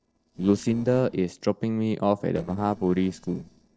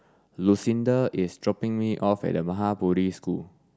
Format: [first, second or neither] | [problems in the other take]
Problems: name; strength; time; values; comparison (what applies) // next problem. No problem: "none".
second | noise reduction (neural separator model SepFormer DNS4)